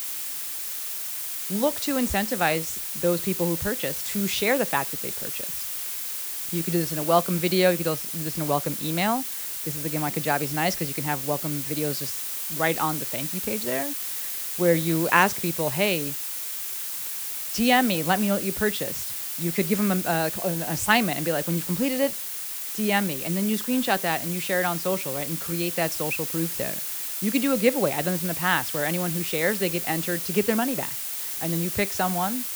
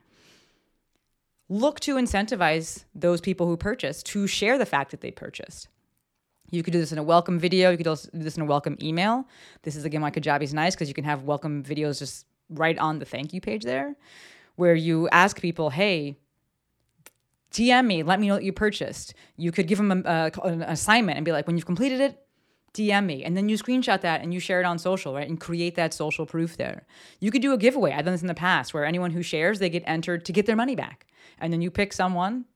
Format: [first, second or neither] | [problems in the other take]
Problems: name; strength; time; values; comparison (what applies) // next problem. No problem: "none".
second | hiss; loud; throughout; 3 dB below the speech